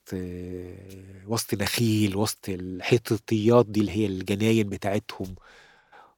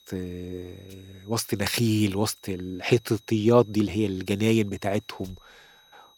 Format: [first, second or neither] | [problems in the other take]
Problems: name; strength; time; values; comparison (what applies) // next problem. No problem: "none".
first | high-pitched whine; faint; throughout; 4 kHz, 30 dB below the speech